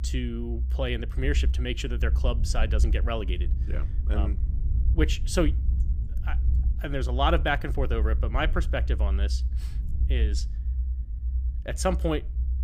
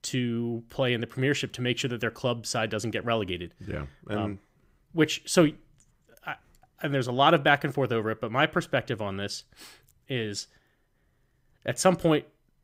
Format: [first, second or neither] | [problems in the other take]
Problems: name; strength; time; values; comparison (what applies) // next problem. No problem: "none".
second | low rumble; noticeable; throughout; 15 dB below the speech